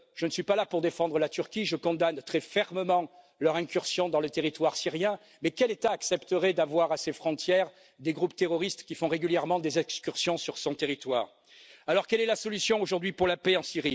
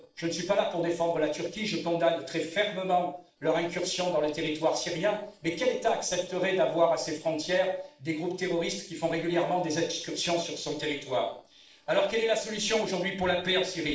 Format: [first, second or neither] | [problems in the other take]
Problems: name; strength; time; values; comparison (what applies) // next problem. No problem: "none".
first | noise reduction (neural separator model SepFormer DNS4)